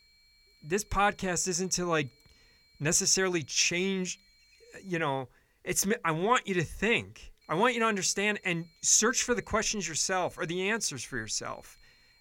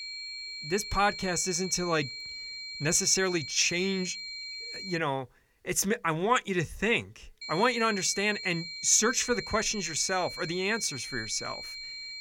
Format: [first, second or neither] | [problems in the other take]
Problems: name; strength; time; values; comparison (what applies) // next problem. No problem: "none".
first | high-pitched whine; loud; until 5 s and from 7.5 s on; 4 kHz, 9 dB below the speech; faint in the first